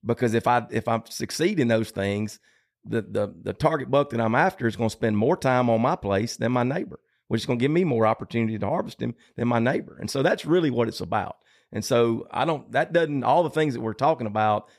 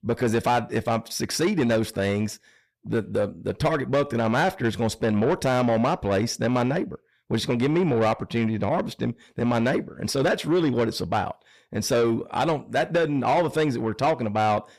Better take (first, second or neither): first